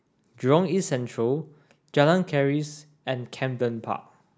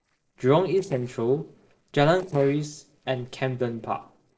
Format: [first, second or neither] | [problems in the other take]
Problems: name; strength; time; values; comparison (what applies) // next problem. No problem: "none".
first | noise reduction (neural separator model SepFormer DNS4)